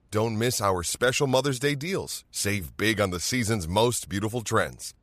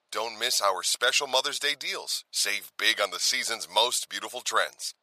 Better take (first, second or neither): first